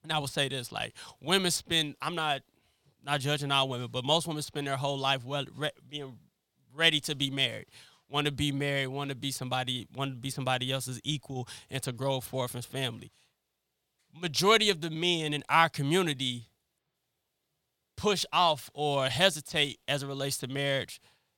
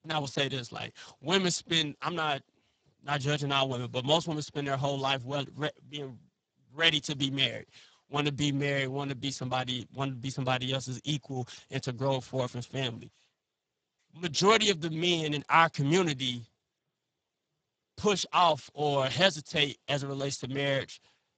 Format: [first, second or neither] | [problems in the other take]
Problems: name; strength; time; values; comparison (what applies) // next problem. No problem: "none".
first | garbled, watery; badly; nothing above 7.5 kHz